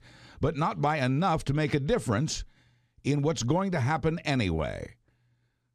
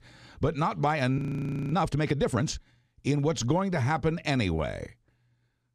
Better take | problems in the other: first | audio freezing; at 1 s for 0.5 s

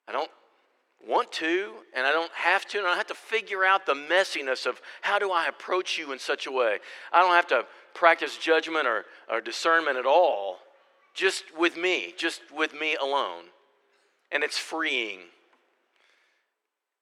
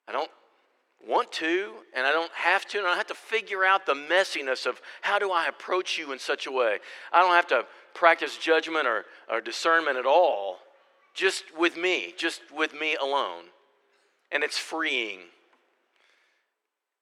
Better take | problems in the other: neither | thin; very; fading below 300 Hz; the same in both

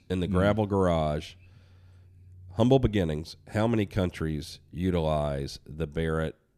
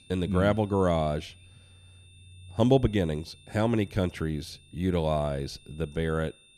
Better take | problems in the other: first | high-pitched whine; faint; throughout; 3.5 kHz, 30 dB below the speech

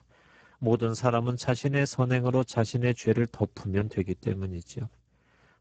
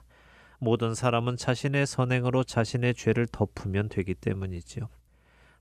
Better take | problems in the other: second | garbled, watery; badly; nothing above 8 kHz

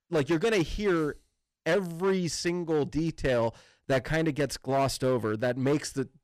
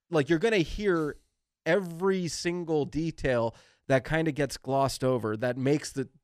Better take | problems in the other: second | distortion; slight; 8% of the sound clipped

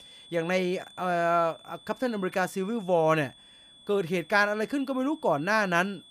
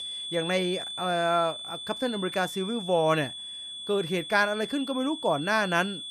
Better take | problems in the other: first | high-pitched whine; loud; throughout; 3.5 kHz, 8 dB below the speech; faint in the first

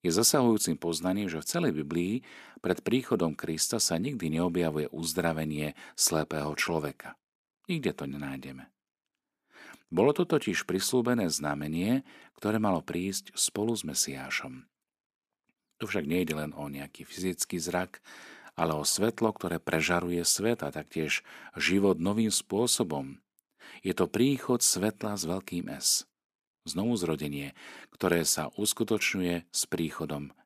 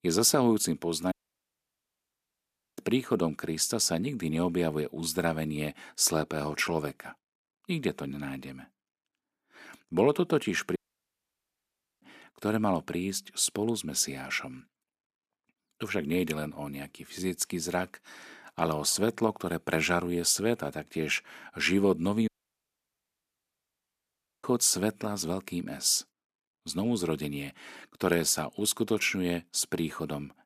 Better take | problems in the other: first | audio cutting out; at 1 s for 1.5 s, at 11 s for 1.5 s and at 22 s for 2 s

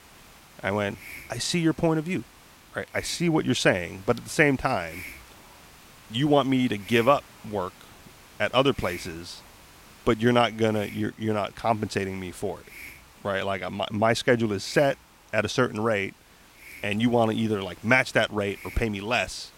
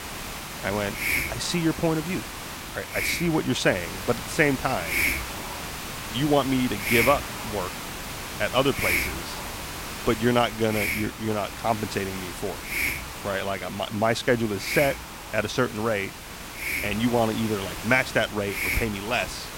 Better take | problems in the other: first | hiss; loud; throughout; 4 dB below the speech; faint in the first

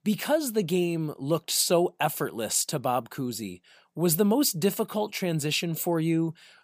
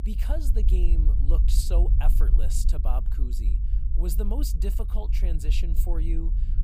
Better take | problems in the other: first | low rumble; loud; throughout; 8 dB below the speech

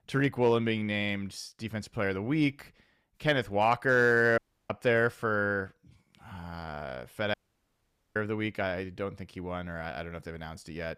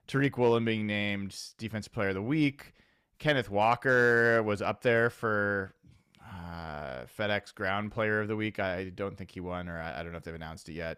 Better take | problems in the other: second | audio cutting out; at 4.5 s and at 7.5 s for 1 s

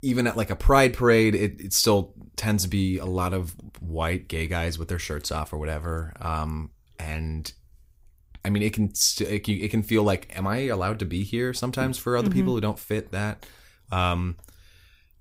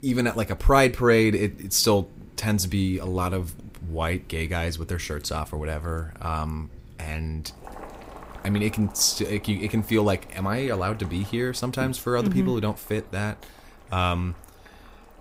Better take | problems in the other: first | household noises; faint; throughout; 20 dB below the speech

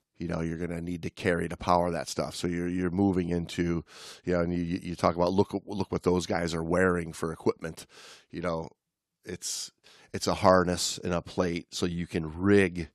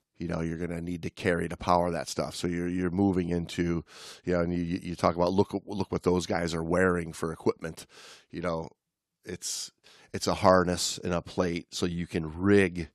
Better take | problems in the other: neither | none

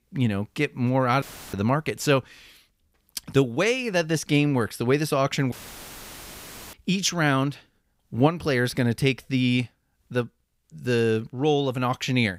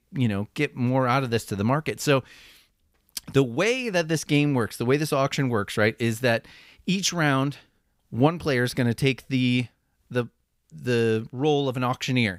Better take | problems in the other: second | audio cutting out; filled with static; at 1 s and at 5.5 s for 1 s

